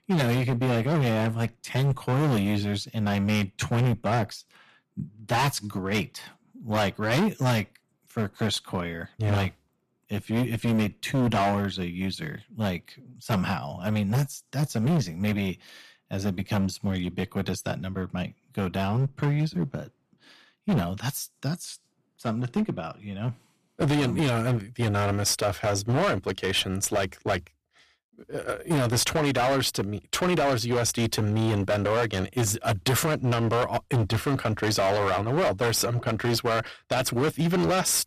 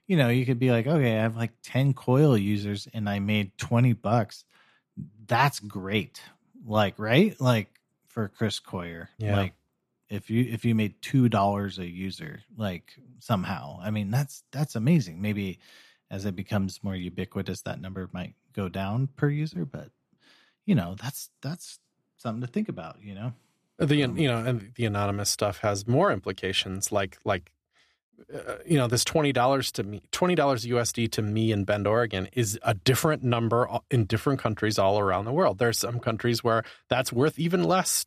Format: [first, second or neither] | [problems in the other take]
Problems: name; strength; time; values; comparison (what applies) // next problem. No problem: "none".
second | distortion; heavy; 15% of the sound clipped